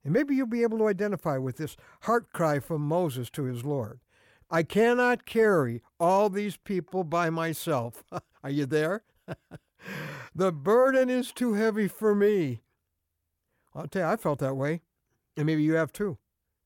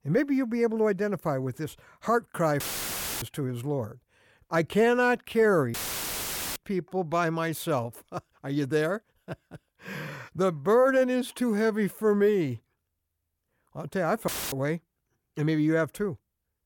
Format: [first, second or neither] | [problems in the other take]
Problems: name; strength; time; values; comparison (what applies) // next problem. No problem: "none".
first | audio cutting out; filled with static; at 2.5 s for 0.5 s, at 5.5 s for 1 s and at 14 s